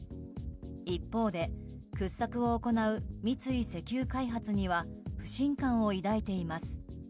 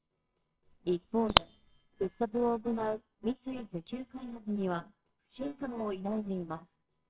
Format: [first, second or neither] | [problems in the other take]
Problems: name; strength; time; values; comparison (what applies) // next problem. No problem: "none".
first | noise reduction (neural separator model SepFormer WHAMR!)